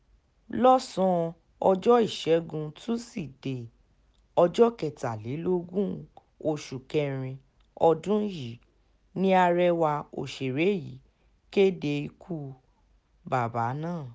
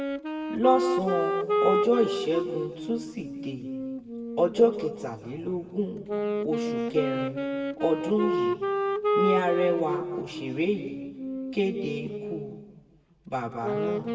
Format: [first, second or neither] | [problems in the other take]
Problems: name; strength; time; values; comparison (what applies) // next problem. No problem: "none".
first | background sound (Wind instrument, woodwind instrument); 1 dB below the speech // room echo; dies away in 1.6 s